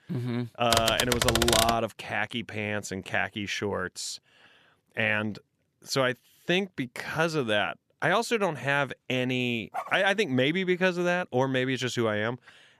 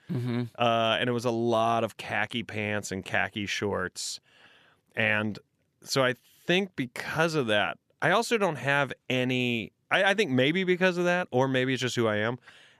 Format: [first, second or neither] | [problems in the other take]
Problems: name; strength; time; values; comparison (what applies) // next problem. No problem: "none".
second | keyboard typing; loud; from 0.5 to 1.5 s; peak 5 dB above the speech // dog barking; noticeable; at 9.5 s; peak 10 dB below the speech